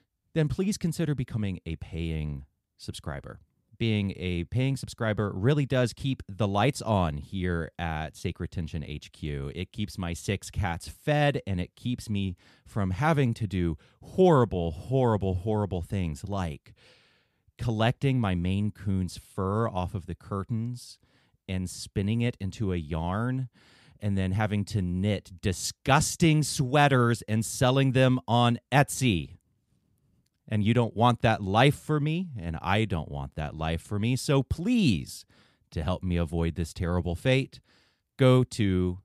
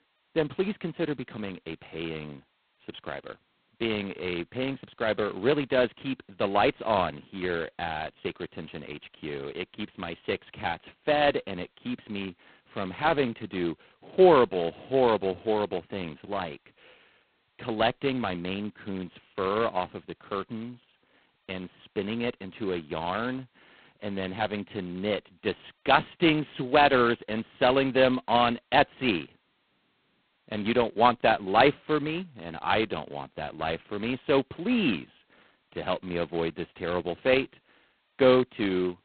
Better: first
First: none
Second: phone-call audio; poor line; nothing above 4 kHz

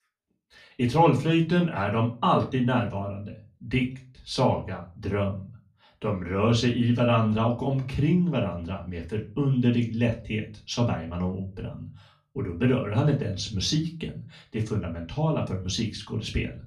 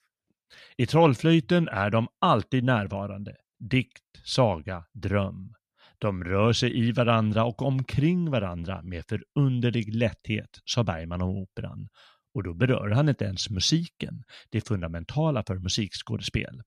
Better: second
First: off-mic speech; far // room echo; very slight; dies away in 0.3 s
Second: none

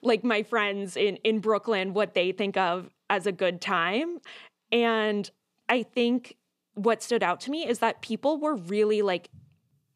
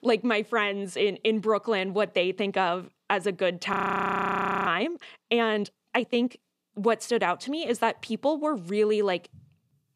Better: first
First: none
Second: audio freezing; at 3.5 s for 1 s

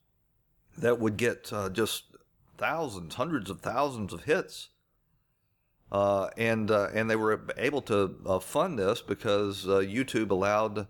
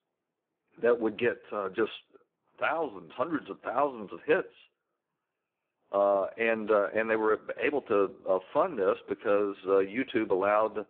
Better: first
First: none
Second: phone-call audio; poor line

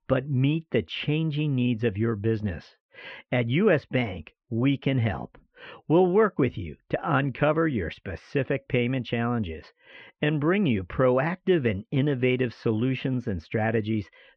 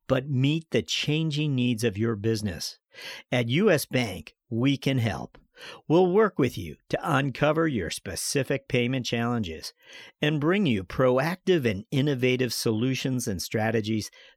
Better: second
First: muffled; very; fading above 3 kHz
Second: none

